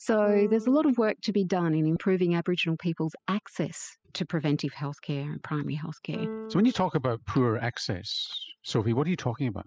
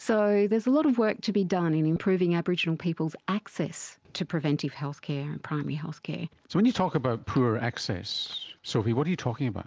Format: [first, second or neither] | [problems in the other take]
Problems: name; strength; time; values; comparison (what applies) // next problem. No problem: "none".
second | noise reduction (classical method spectral subtraction)